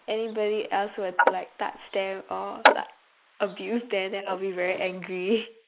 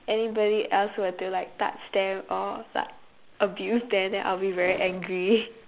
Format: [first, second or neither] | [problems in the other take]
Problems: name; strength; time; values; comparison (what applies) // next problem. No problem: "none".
second | noise reduction (neural mask model Resemble Enhance denoiser)